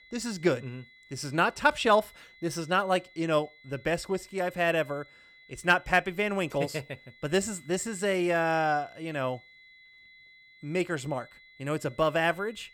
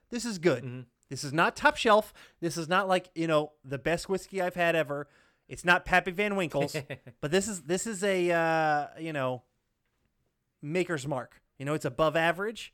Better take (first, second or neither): second